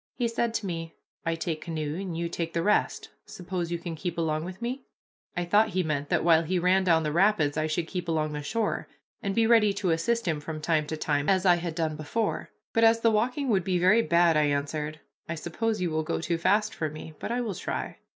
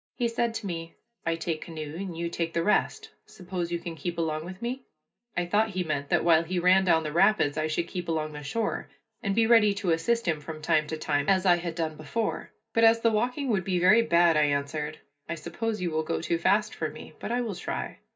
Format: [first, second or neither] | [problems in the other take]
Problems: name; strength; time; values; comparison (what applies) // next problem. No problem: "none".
first | room echo; dies away in 0.2 s